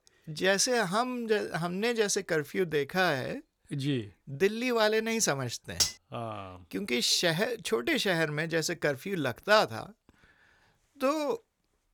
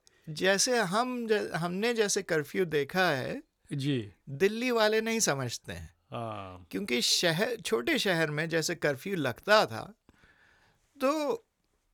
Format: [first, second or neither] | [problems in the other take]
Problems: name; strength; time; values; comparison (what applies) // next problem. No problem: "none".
second | clattering dishes; loud; at 6 s; peak 1 dB above the speech